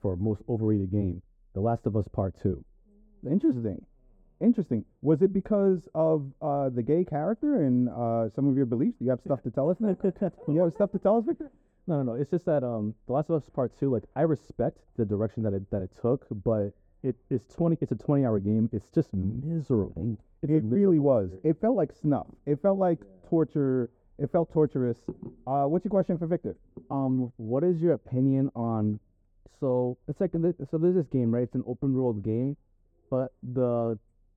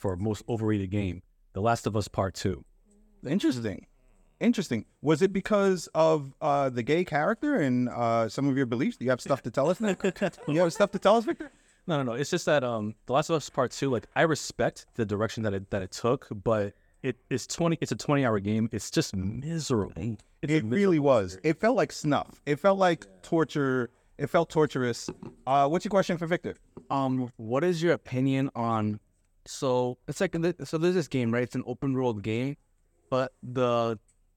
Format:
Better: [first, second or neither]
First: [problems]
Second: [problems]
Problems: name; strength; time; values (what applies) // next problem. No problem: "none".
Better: second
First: muffled; very; fading above 1.5 kHz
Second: none